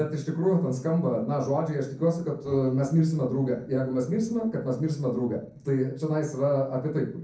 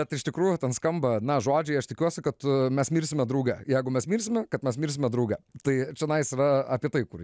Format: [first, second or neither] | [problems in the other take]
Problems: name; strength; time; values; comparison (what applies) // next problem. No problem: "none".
second | noise reduction (neural separator model SepFormer DNS4)